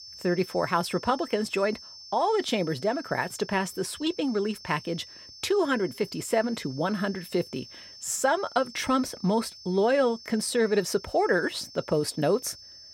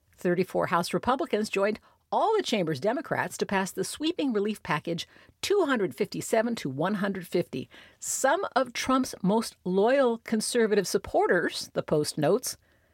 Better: second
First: high-pitched whine; noticeable; throughout; 5.5 kHz, 15 dB below the speech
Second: none

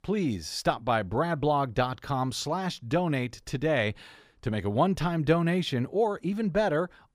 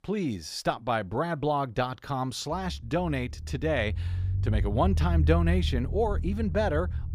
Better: first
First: none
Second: low rumble; noticeable; from 2.5 s on; 15 dB below the speech

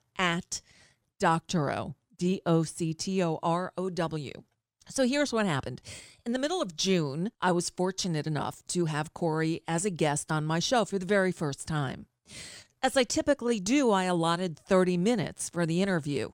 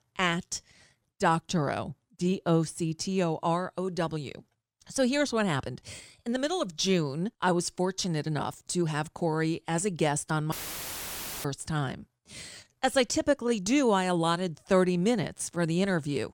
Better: first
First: none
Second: audio cutting out; filled with static; at 11 s for 1 s

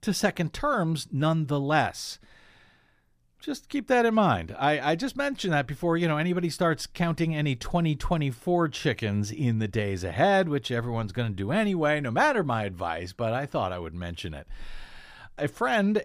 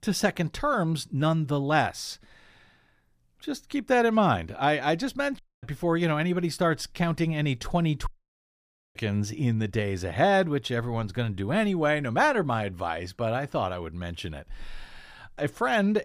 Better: first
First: none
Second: audio cutting out; at 5.5 s and at 8 s for 1 s

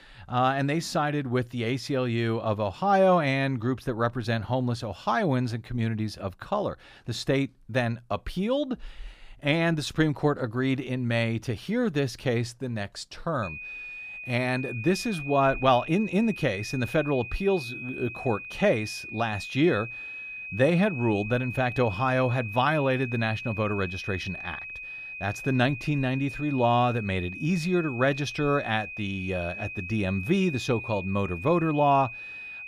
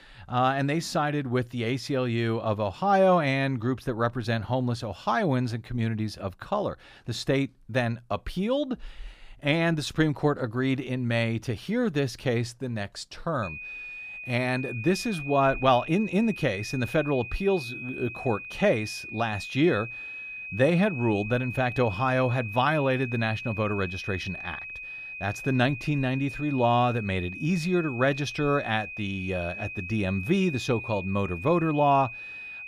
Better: neither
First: high-pitched whine; loud; from 13 s on; 2.5 kHz, 9 dB below the speech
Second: high-pitched whine; loud; from 13 s on; 2.5 kHz, 9 dB below the speech

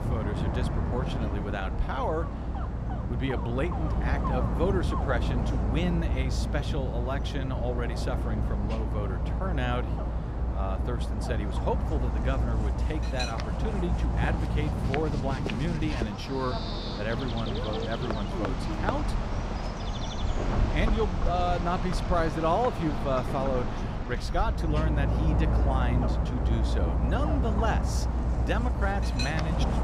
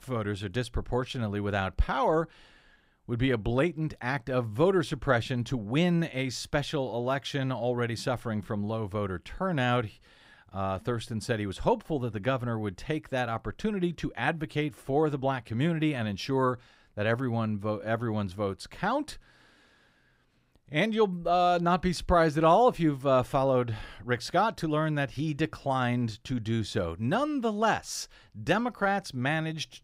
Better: second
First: animal sounds; very loud; throughout; 3 dB above the speech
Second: none

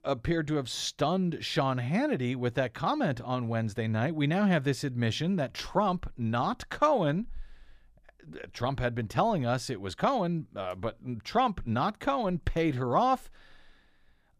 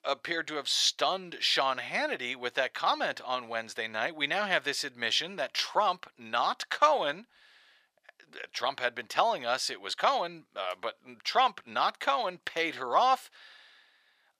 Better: first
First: none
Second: thin; very; fading below 700 Hz

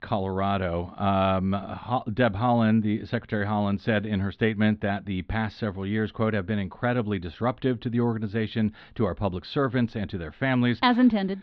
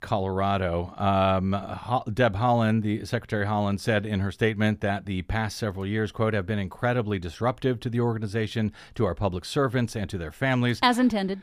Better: second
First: muffled; very slightly; fading above 4 kHz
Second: none

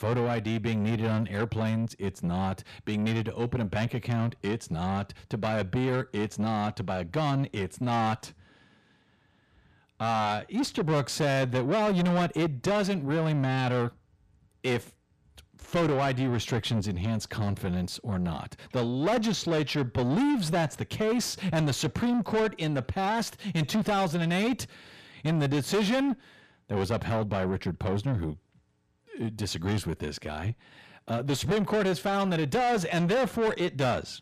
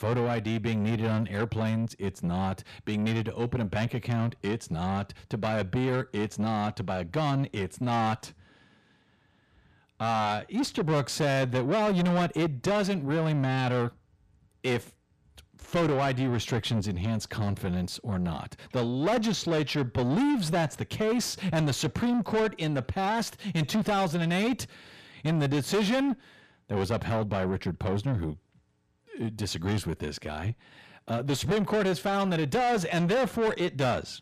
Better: neither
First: distortion; heavy; 6 dB below the speech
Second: distortion; heavy; 6 dB below the speech

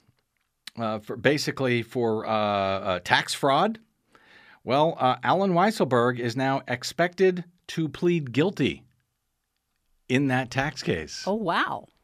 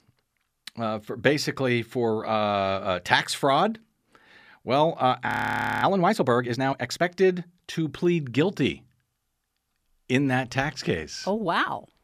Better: first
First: none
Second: audio freezing; at 5.5 s for 0.5 s

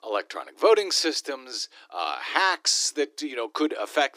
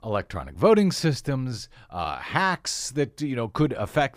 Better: second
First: thin; very; fading below 300 Hz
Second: none

